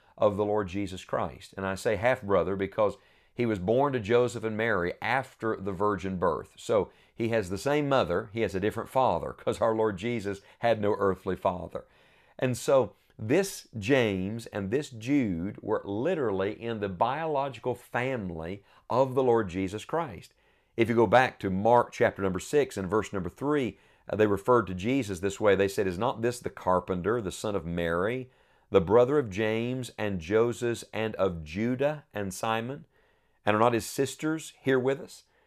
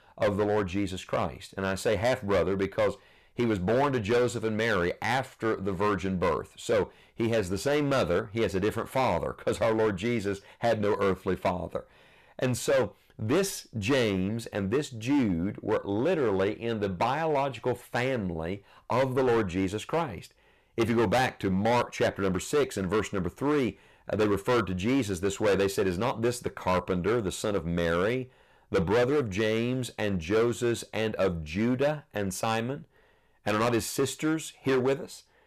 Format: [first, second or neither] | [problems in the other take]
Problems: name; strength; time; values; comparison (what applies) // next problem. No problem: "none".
first | distortion; heavy; 10% of the sound clipped